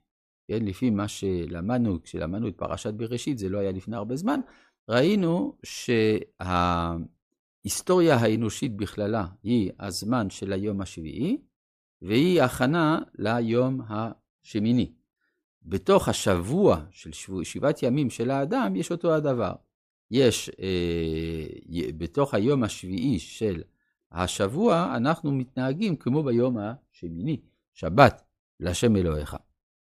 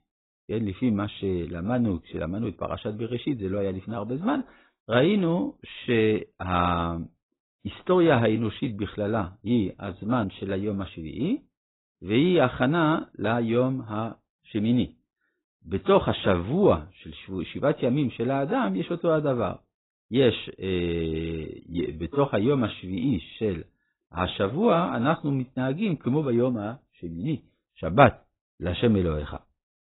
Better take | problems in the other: first | garbled, watery; badly; nothing above 4 kHz

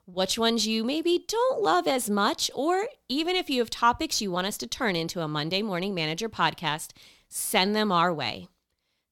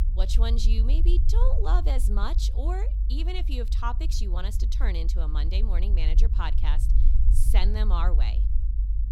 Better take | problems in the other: first | low rumble; noticeable; throughout; 10 dB below the speech

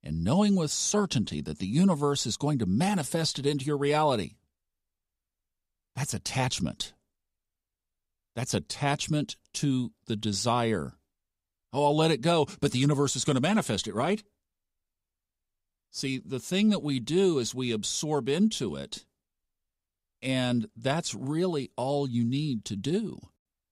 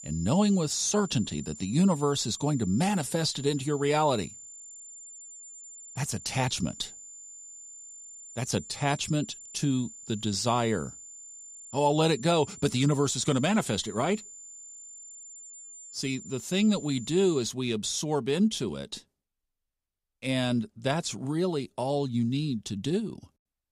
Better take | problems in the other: first | high-pitched whine; noticeable; until 17 s; 7 kHz, 15 dB below the speech

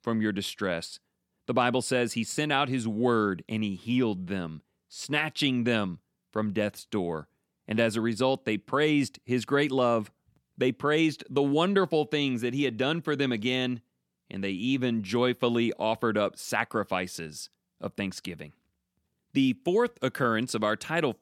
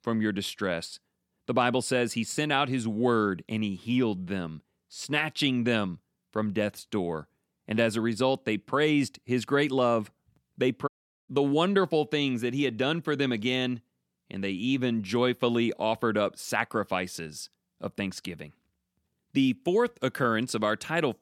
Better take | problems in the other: first | audio cutting out; at 11 s

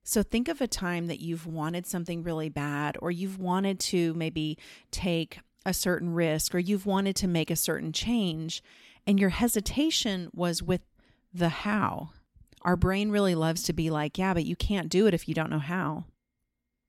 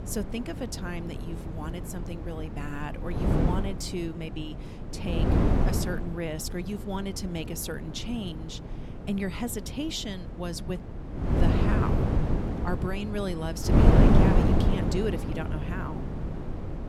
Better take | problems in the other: first | wind noise on the microphone; heavy; 3 dB above the speech

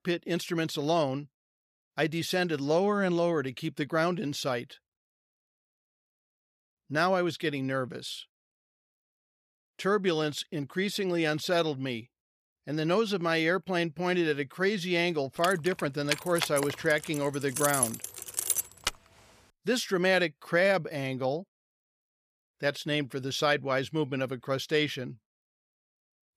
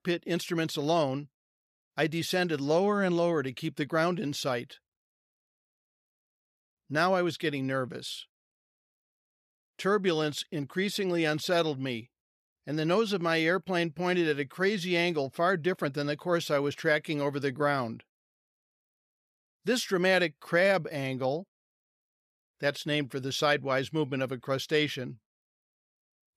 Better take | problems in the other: second | jangling keys; loud; from 15 to 19 s; peak 2 dB above the speech

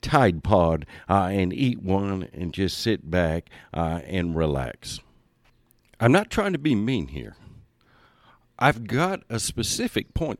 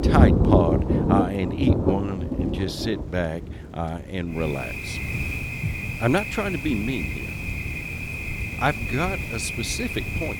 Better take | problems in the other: first | rain or running water; very loud; throughout; 2 dB above the speech

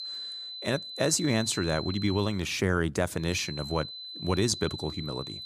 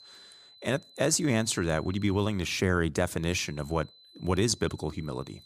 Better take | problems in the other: second | high-pitched whine; loud; until 2.5 s and from 3.5 s on; 4 kHz, 8 dB below the speech; faint in the second

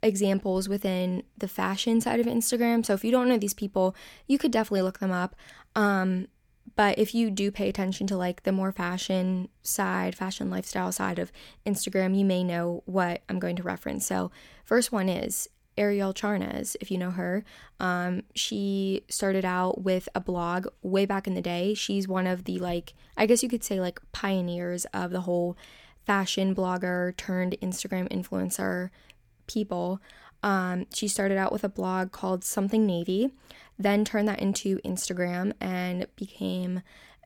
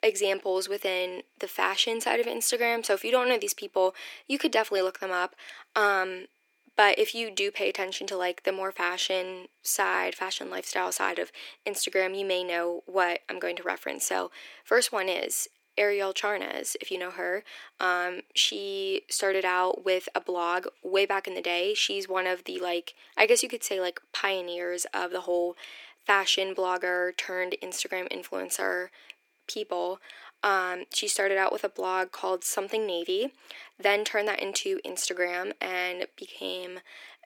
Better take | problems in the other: first | thin; very; fading below 350 Hz

